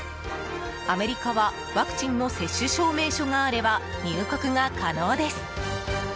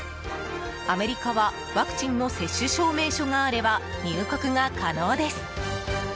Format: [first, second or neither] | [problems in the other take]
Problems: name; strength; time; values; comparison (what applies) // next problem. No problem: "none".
second | background sound (Wind instrument, woodwind instrument); 20 dB below the speech